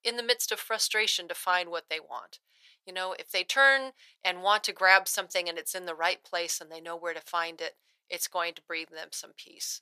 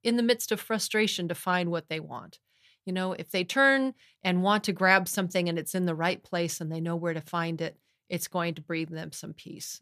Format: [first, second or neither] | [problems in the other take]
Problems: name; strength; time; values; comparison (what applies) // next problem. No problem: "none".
second | thin; very; fading below 600 Hz